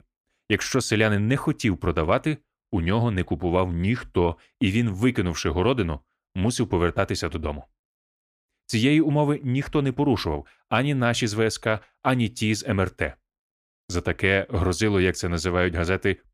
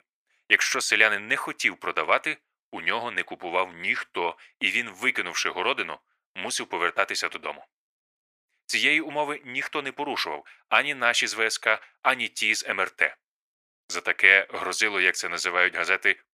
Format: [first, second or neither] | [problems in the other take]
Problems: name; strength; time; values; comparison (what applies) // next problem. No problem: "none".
first | thin; very; fading below 750 Hz